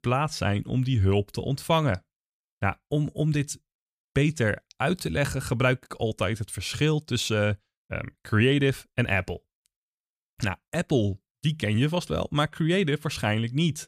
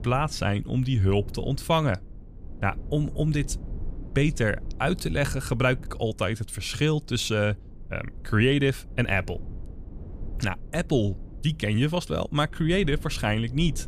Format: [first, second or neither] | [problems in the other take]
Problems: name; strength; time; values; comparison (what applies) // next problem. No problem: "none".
first | low rumble; faint; throughout; 25 dB below the speech